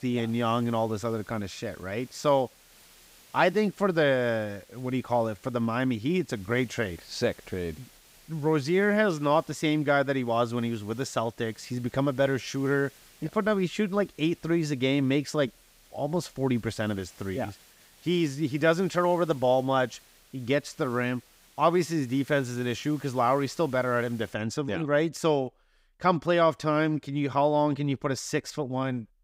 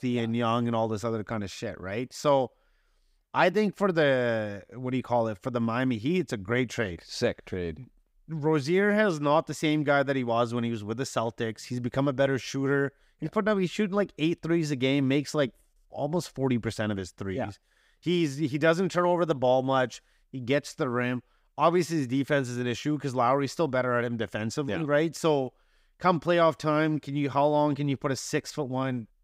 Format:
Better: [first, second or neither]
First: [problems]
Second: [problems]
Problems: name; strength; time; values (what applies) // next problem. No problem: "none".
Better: second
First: hiss; faint; until 24 s; 25 dB below the speech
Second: none